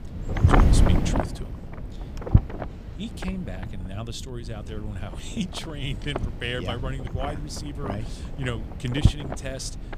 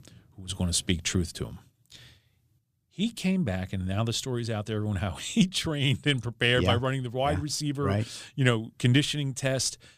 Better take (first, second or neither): second